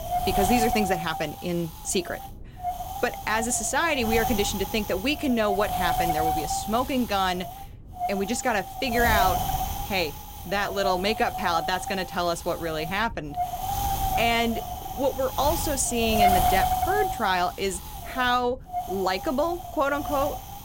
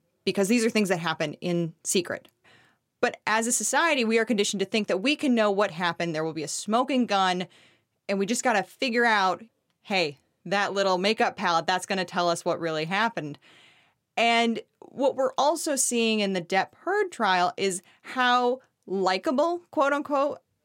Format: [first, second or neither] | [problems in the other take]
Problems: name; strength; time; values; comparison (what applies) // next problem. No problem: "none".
second | wind noise on the microphone; heavy; 3 dB below the speech